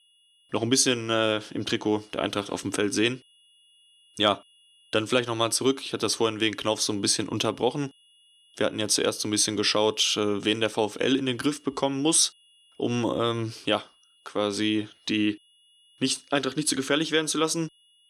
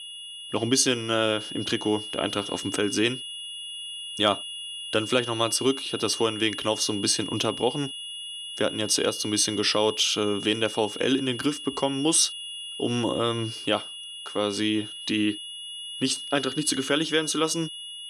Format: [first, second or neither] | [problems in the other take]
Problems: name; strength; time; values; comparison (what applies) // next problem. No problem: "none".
first | high-pitched whine; loud; throughout; 3 kHz, 9 dB below the speech; faint in the first